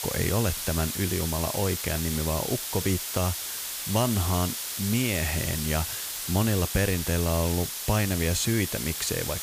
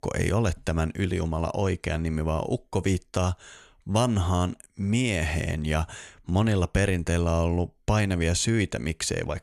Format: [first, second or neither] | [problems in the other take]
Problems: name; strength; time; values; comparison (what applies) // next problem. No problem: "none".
second | hiss; loud; throughout; 3 dB below the speech